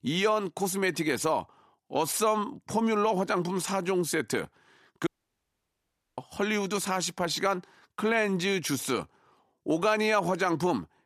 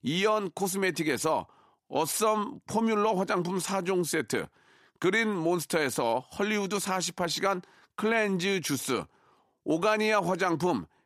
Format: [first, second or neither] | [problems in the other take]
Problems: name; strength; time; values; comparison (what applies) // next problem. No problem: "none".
second | audio cutting out; at 5 s for 1 s